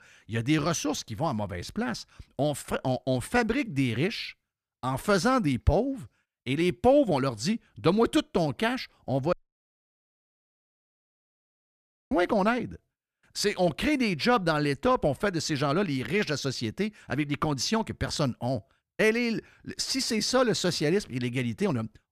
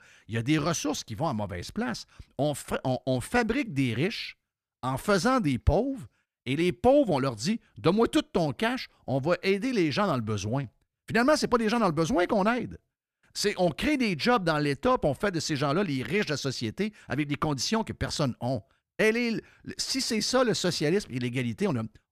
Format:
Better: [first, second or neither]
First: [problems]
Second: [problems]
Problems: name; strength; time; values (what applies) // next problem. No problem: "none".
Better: second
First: audio cutting out; at 9.5 s for 3 s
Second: none